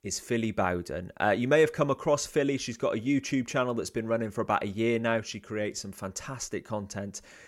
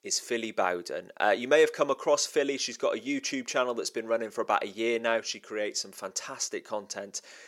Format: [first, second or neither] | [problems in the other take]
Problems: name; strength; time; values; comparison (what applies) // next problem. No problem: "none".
first | thin; somewhat; fading below 400 Hz